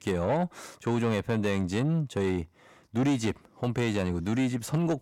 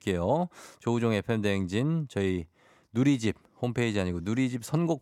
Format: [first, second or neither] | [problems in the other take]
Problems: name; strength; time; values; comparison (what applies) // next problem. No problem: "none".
second | distortion; slight; 10 dB below the speech